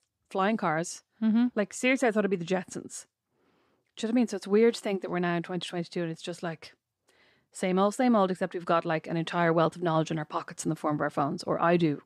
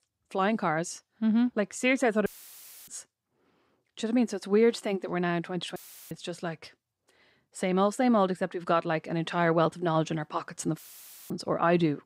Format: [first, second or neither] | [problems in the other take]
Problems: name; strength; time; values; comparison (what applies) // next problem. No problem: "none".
first | audio cutting out; filled with static; at 2.5 s for 0.5 s, at 6 s and at 11 s for 0.5 s